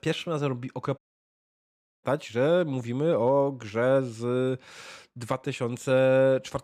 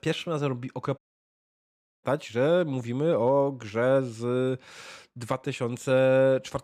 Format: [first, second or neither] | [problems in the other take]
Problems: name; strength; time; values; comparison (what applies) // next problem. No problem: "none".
neither | audio cutting out; at 1 s for 1 s; the same in both